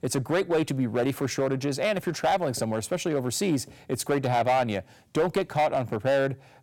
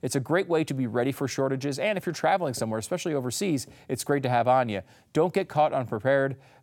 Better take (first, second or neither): second